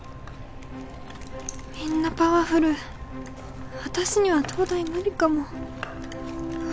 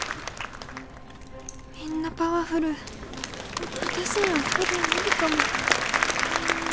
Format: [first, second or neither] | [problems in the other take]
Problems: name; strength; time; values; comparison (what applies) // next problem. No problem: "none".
first | background sound (Applause / Crowd); 2 dB above the speech